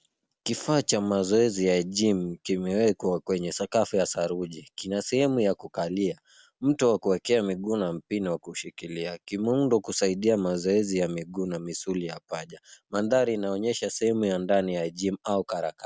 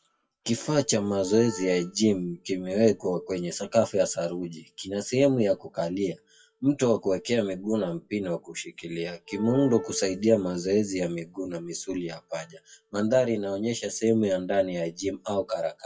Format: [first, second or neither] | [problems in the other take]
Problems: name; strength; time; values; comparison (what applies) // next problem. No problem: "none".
first | noise reduction (classical method WPE with log-MMSE)